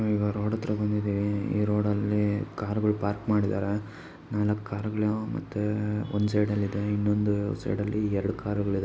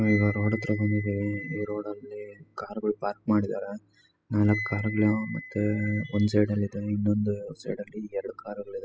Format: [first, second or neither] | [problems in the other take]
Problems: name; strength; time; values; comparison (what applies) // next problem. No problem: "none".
first | noise reduction (classical method spectral subtraction)